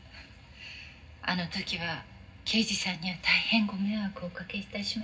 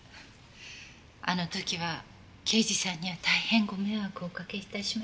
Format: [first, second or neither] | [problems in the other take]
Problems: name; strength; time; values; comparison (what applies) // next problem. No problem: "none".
second | room echo; dies away in 0.4 s